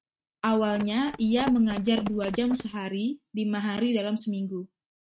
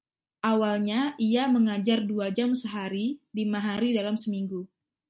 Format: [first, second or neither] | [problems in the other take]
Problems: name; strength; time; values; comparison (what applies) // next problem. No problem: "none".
second | noise reduction (neural mask model RNNoise)